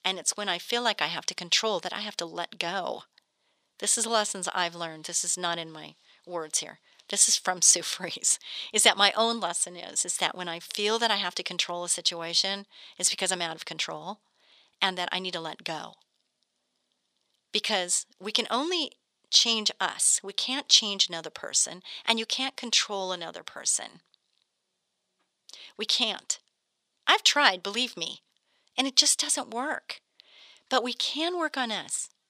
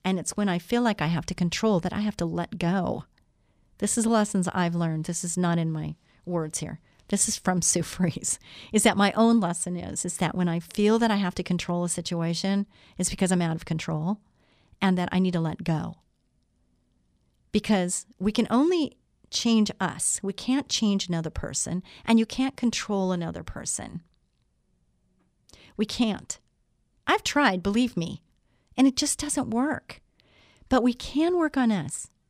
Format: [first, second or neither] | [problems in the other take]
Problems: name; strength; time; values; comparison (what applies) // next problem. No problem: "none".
second | thin; very; fading below 550 Hz